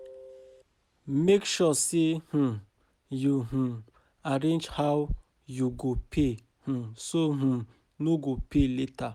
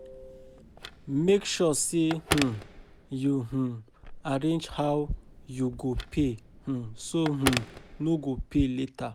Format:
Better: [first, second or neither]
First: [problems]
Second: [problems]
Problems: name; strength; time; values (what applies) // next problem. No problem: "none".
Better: first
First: none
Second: background sound (Telephone); 10 dB below the speech